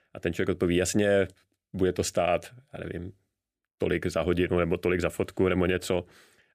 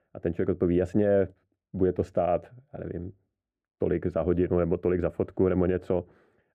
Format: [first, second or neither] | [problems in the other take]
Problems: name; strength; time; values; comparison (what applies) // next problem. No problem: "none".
first | muffled; very; fading above 2 kHz